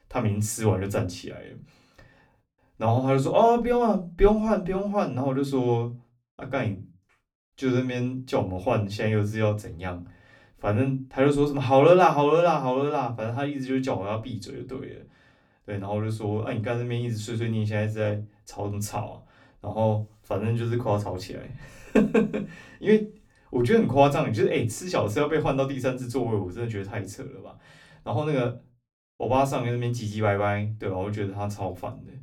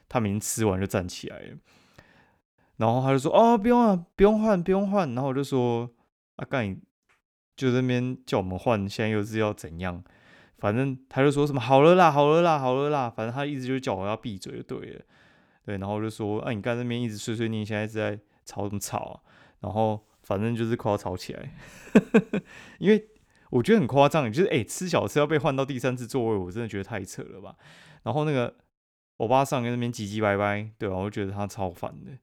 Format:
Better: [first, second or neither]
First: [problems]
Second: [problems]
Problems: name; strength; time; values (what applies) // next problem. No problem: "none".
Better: second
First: off-mic speech; somewhat distant // room echo; very slight; dies away in 0.2 s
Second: none